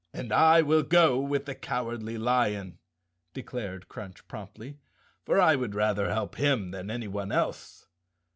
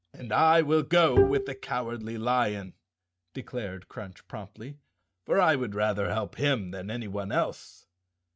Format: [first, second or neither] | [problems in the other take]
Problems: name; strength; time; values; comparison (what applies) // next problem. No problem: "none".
first | noise reduction (neural mask model RNNoise)